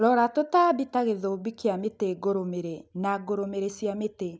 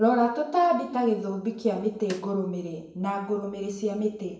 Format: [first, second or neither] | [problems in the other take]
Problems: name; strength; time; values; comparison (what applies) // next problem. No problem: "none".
first | background sound (Snare drum); 17 dB below the speech // room echo; dies away in 0.7 s